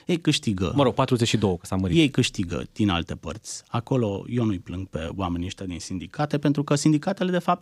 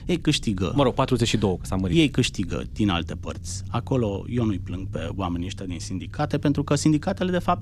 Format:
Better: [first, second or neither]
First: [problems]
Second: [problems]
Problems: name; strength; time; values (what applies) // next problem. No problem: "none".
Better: first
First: none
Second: low rumble; faint; throughout; 25 dB below the speech